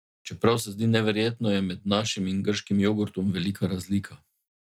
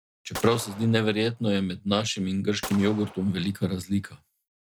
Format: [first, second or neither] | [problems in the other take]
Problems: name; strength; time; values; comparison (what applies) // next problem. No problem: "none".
first | background sound (Gunshot, gunfire); 16 dB below the speech